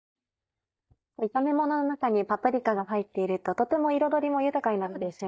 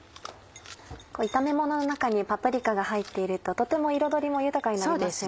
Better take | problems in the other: second | noise reduction (neural mask model DeepFilterNet 3)

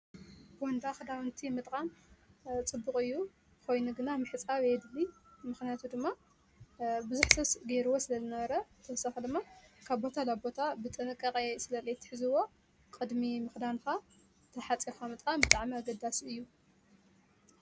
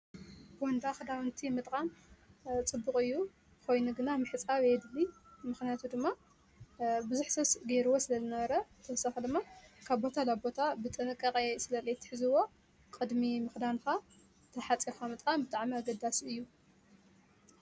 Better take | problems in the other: second | background sound (Finger snapping); 2 dB above the speech

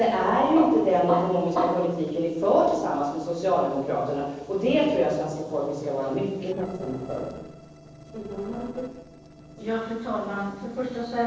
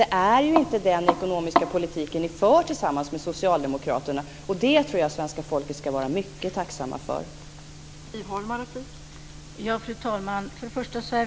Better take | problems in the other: second | noise reduction (neural separator model SepFormer DNS4)

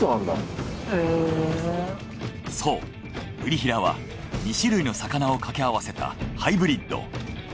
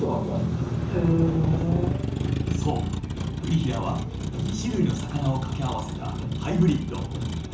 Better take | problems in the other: first | background sound (Motor vehicle (road)); 3 dB below the speech // room echo; dies away in 0.7 s

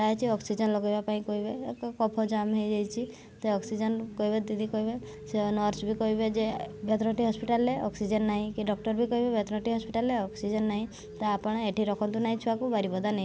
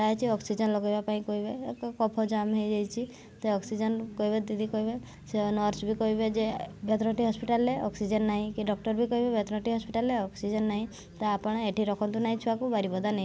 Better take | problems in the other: second | background sound (Alarm / Keyboard (musical)); 19 dB below the speech

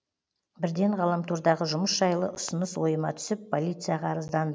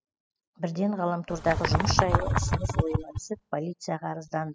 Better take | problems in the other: first | noise reduction (classical method spectral subtraction)

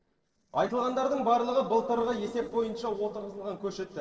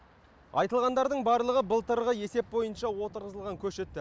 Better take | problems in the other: second | noise reduction (neural separator model SepFormer DNS4)

